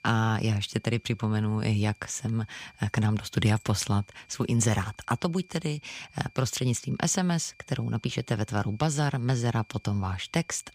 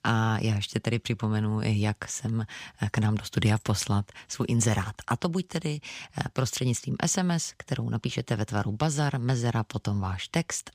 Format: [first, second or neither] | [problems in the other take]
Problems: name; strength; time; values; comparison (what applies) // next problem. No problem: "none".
second | high-pitched whine; faint; throughout; 2.5 kHz, 30 dB below the speech